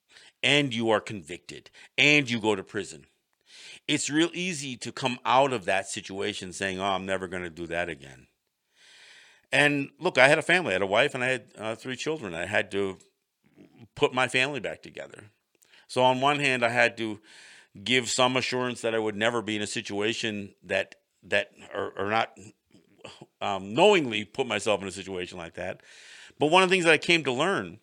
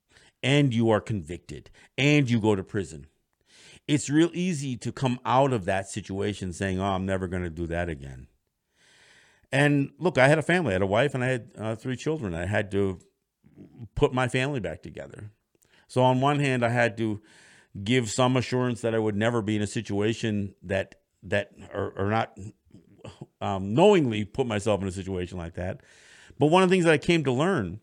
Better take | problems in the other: second | thin; very slightly; fading below 1 kHz

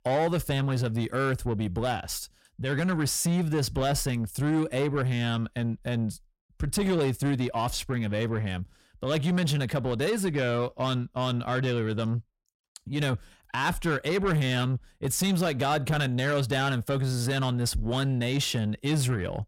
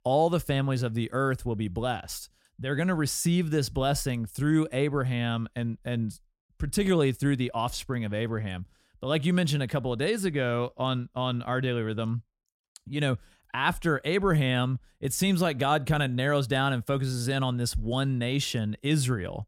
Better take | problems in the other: second | distortion; slight; 10 dB below the speech

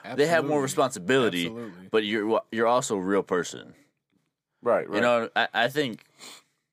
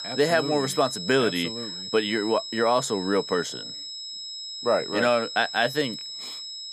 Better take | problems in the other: first | high-pitched whine; loud; throughout; 5 kHz, 8 dB below the speech

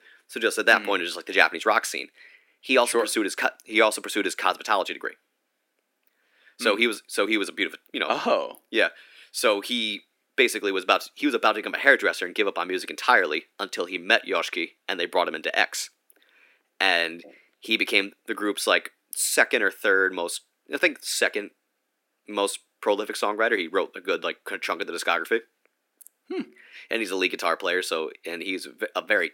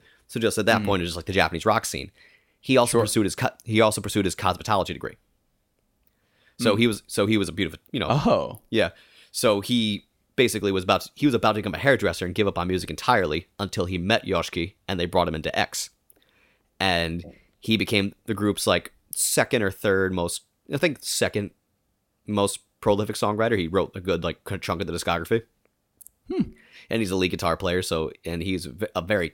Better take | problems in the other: second | thin; somewhat; fading below 300 Hz

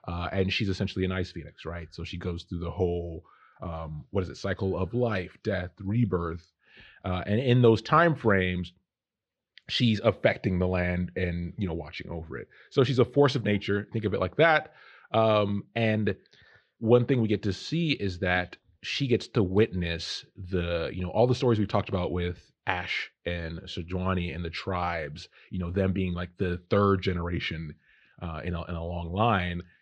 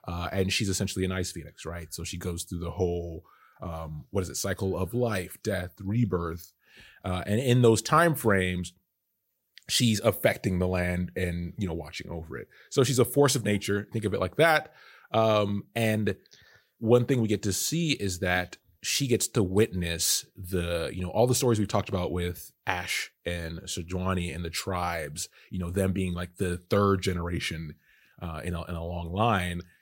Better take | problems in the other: second | muffled; slightly; fading above 4 kHz

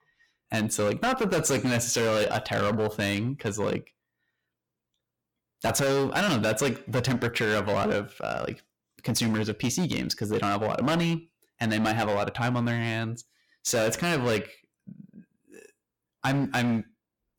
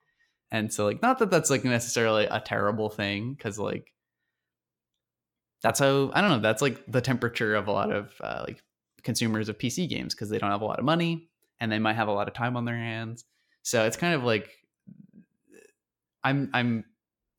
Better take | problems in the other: second | distortion; heavy; 13% of the sound clipped

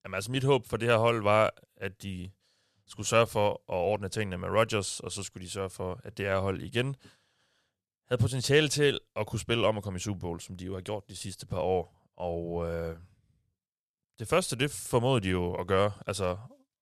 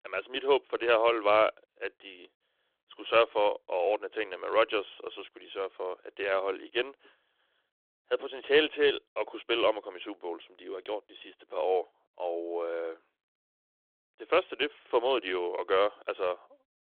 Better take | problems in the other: first | phone-call audio

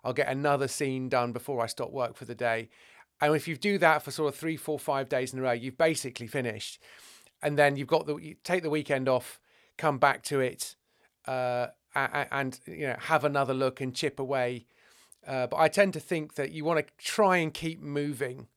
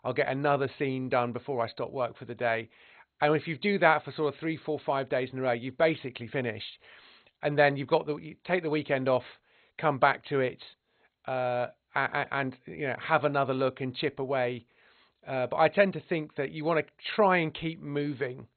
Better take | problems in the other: first | garbled, watery; badly; nothing above 4 kHz

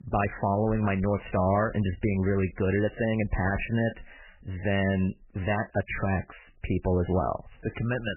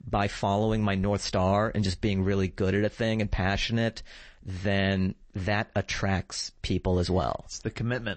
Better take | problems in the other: second | garbled, watery; badly; nothing above 3 kHz; slightly in the second

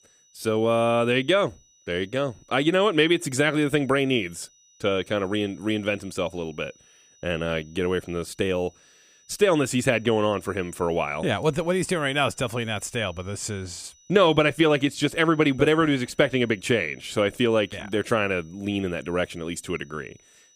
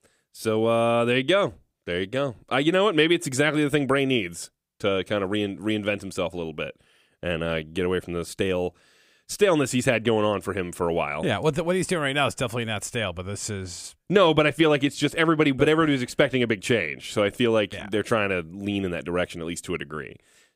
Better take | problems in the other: second | high-pitched whine; faint; throughout; 6 kHz, 30 dB below the speech

